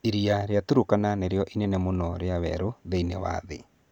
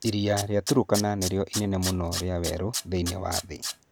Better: first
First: none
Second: background sound (Tools); 9 dB below the speech

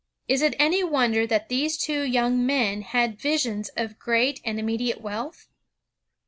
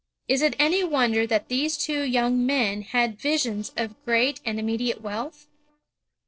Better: first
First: none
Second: noise reduction (neural separator model SepFormer DNS4)

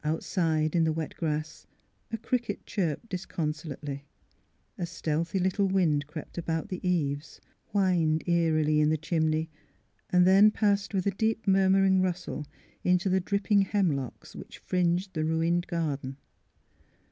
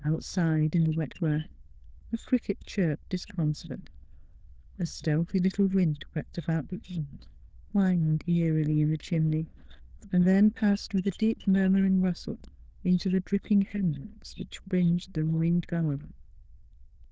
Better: first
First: none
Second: noise reduction (neural diffusion model UNIVERSE++)

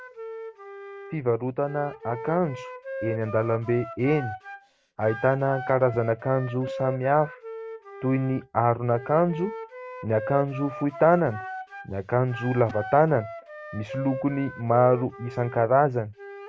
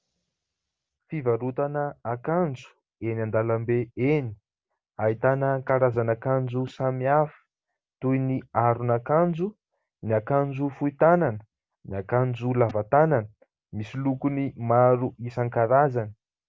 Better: second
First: background sound (Wind instrument, woodwind instrument); 13 dB below the speech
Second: none

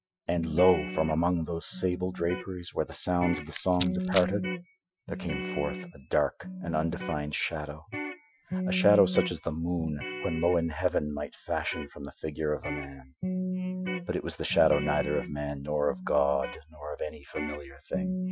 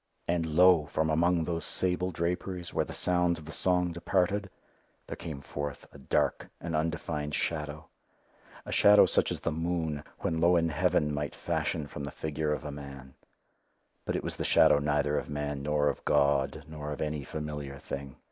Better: second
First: noise reduction (classical method Wiener filter)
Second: none

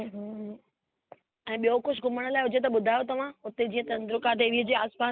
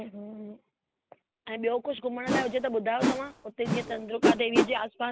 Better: first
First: none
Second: background sound (Whoosh, swoosh, swish); 2 dB above the speech

